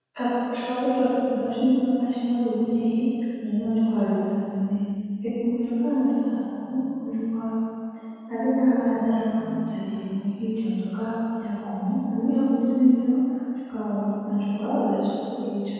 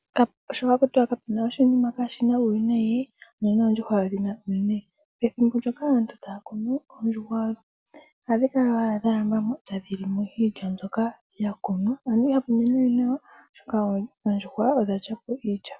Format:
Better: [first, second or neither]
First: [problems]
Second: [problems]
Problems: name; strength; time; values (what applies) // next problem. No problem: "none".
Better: second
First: room echo; dies away in 2.1 s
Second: none